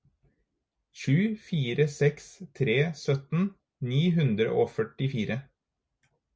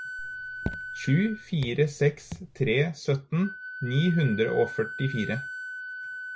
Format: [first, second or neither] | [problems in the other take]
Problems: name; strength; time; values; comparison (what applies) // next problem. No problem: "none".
first | background sound (Raindrop / Drip + Wind instrument, woodwind instrument); 10 dB below the speech